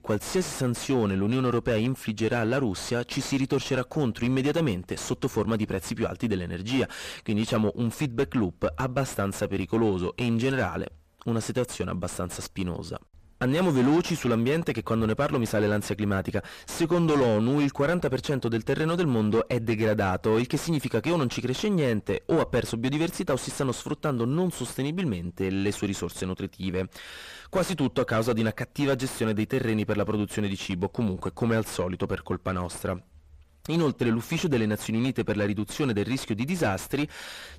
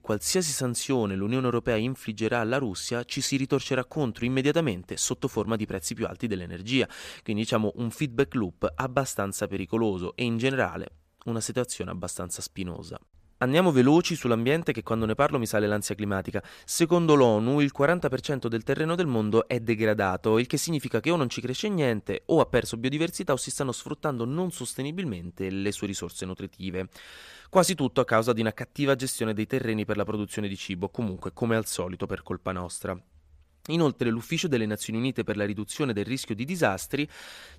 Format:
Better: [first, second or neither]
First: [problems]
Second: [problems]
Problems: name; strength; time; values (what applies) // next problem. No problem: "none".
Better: second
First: distortion; heavy; 7 dB below the speech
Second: none